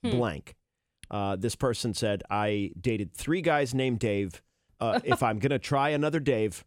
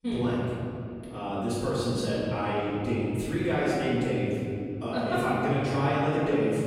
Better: first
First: none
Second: off-mic speech; far // room echo; strong; dies away in 2.6 s

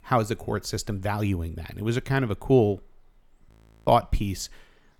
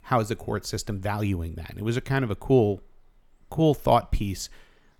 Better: second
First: audio freezing; at 3.5 s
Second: none

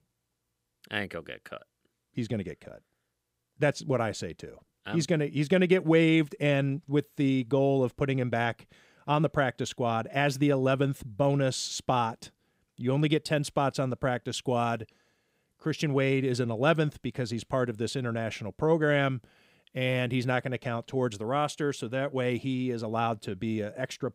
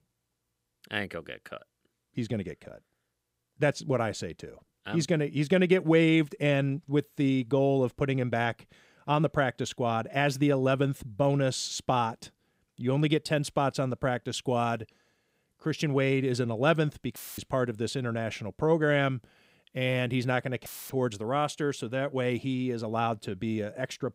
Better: first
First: none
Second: audio cutting out; filled with static; at 17 s and at 21 s

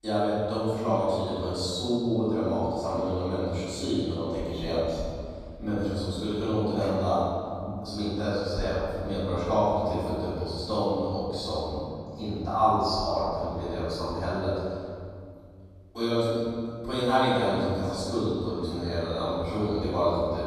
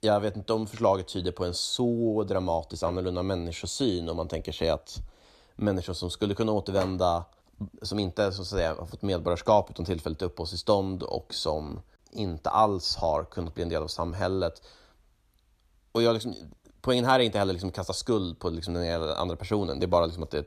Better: second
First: off-mic speech; far // room echo; strong; dies away in 2.3 s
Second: none

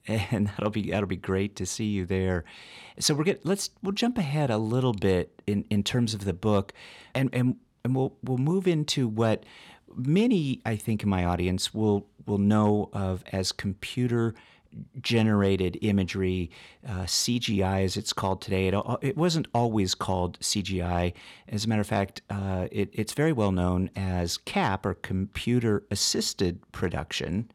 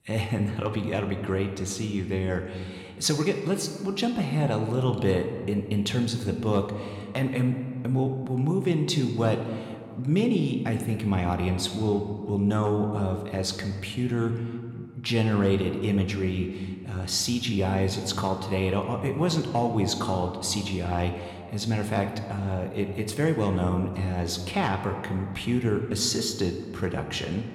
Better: first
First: none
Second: room echo; slight; dies away in 1.6 s

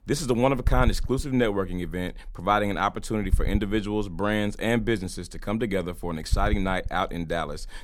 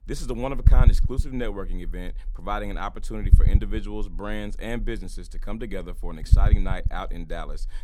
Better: first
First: low rumble; faint; throughout; 25 dB below the speech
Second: low rumble; loud; throughout; 7 dB below the speech

